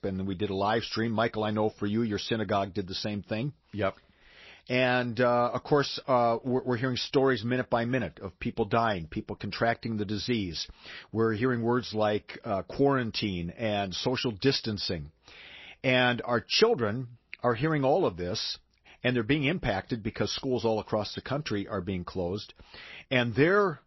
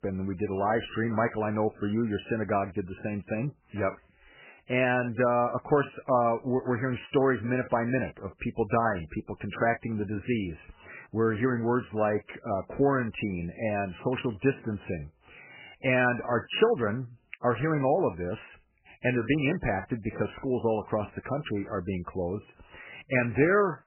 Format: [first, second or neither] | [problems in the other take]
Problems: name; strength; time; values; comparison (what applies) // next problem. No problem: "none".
first | garbled, watery; badly; nothing above 3 kHz; slightly in the first